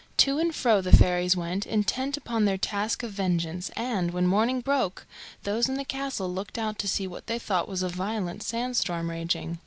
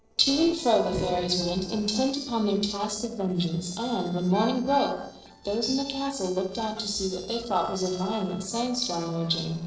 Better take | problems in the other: first | noise reduction (neural separator model SepFormer DNS4)

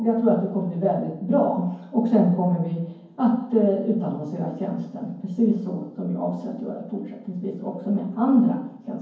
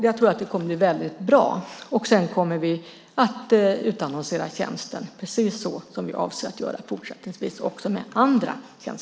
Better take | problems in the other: second | room echo; dies away in 0.9 s

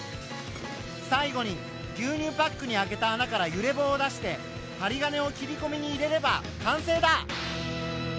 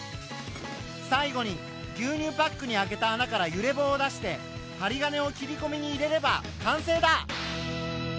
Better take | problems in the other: second | background sound (Electric guitar); 16 dB below the speech

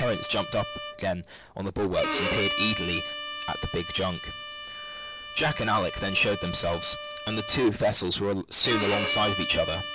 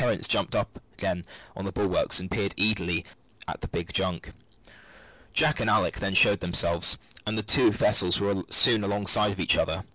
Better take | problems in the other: second | background sound (Bowed string instrument); 5 dB below the speech

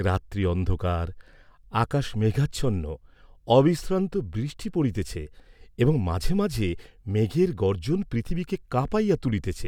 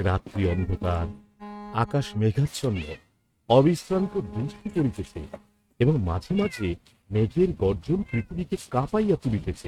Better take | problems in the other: first | noise reduction (neural mask model RNNoise)

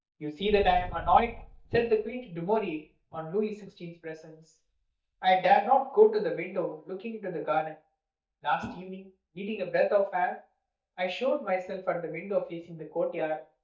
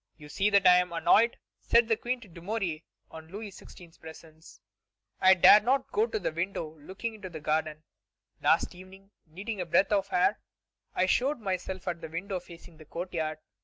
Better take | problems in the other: second | noise reduction (neural mask model DeepFilterNet 3)

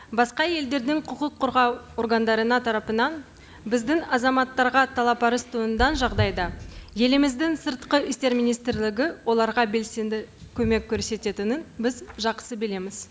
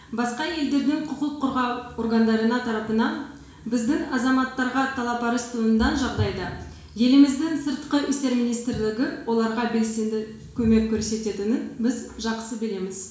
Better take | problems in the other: first | room echo; dies away in 0.7 s

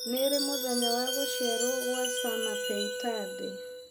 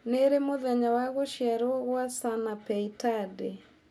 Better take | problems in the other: second | background sound (Chime + Wind instrument, woodwind instrument); 1 dB above the speech

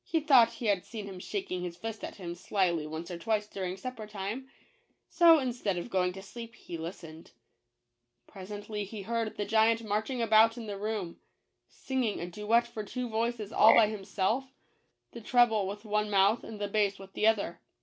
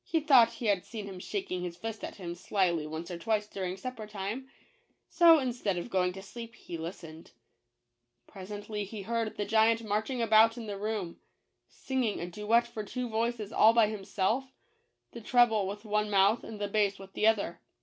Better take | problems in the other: second | background sound (Frog); 6 dB below the speech

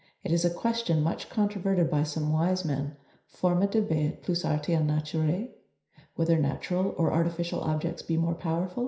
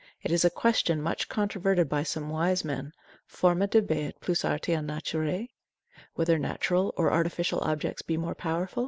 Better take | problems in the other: second | room echo; dies away in 0.5 s

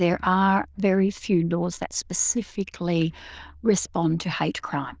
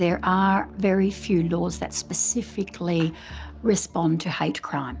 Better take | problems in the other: second | noise reduction (neural diffusion model UNIVERSE++)

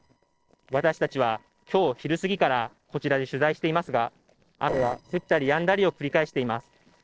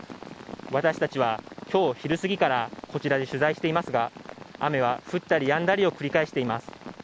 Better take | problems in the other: second | noise reduction (neural separator model SepFormer DNS4)

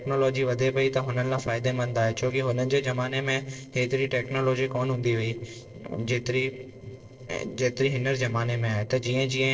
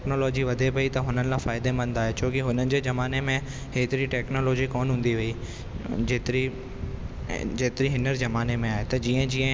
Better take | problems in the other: second | noise reduction (neural separator model SepFormer DNS4)

